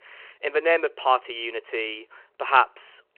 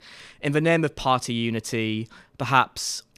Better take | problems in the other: second | phone-call audio

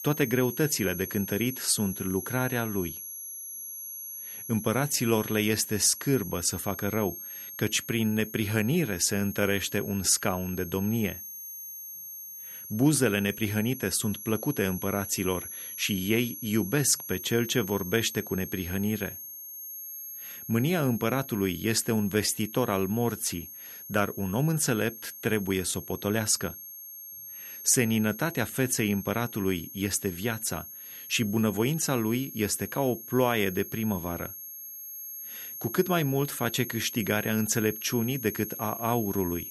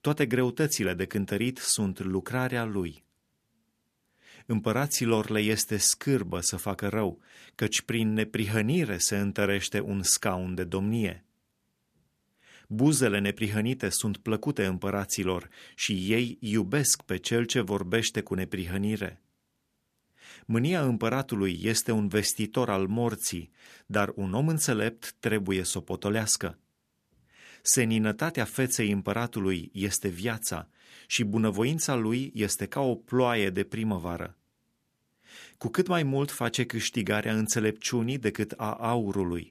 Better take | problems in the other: second | high-pitched whine; noticeable; throughout; 11.5 kHz, 10 dB below the speech

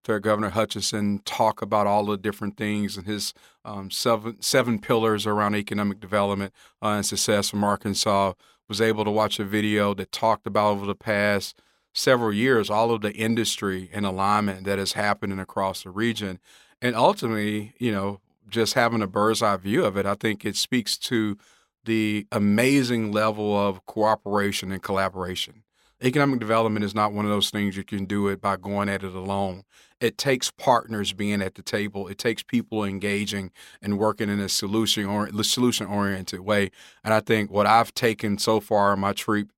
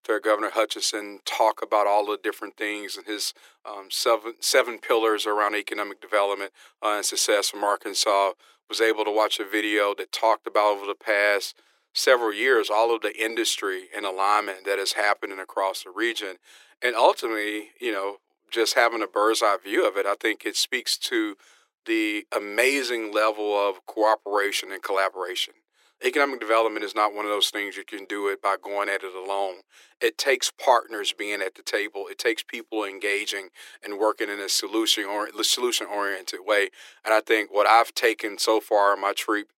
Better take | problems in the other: first | thin; very; fading below 300 Hz

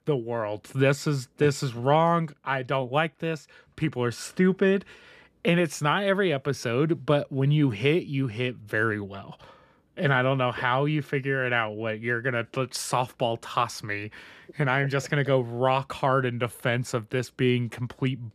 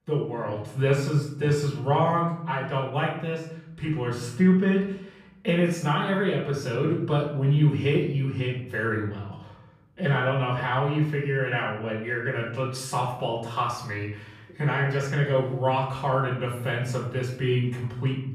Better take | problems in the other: first | off-mic speech; far // room echo; noticeable; dies away in 0.7 s

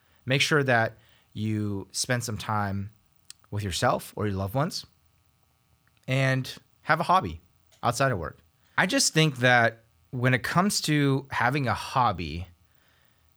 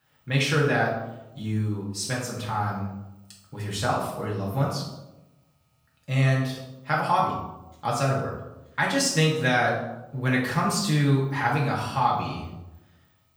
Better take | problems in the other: first | room echo; noticeable; dies away in 0.7 s // off-mic speech; far

